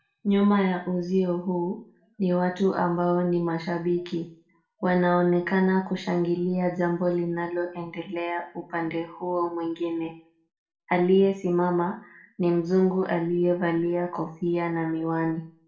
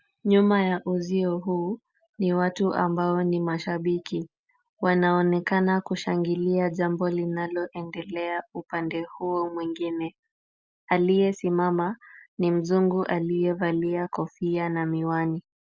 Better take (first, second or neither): second